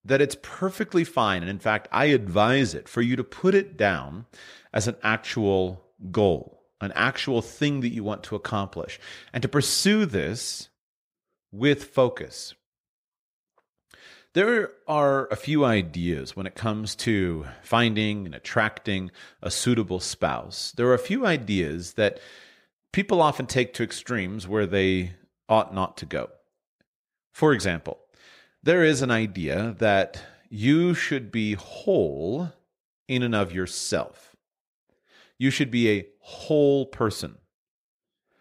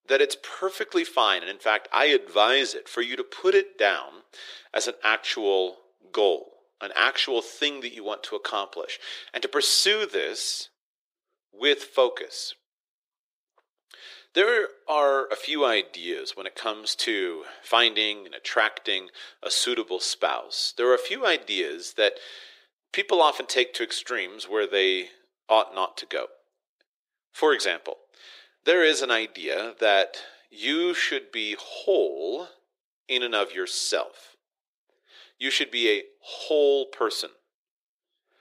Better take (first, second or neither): first